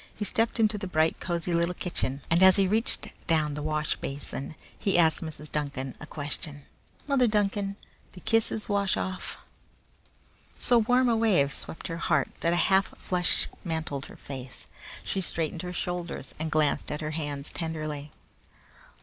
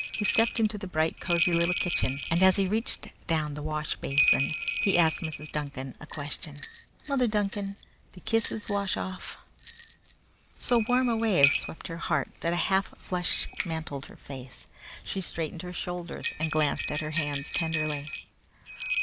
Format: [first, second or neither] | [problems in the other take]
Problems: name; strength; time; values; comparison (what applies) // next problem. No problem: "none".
first | background sound (Bell); 5 dB below the speech